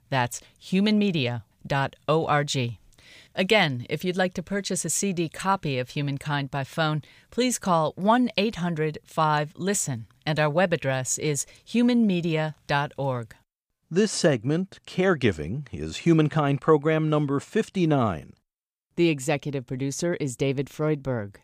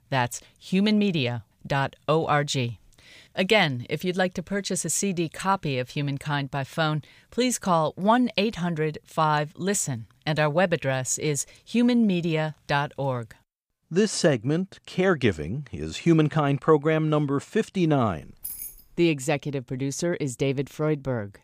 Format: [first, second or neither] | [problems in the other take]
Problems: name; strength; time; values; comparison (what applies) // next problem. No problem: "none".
first | jangling keys; noticeable; at 18 s; peak 9 dB below the speech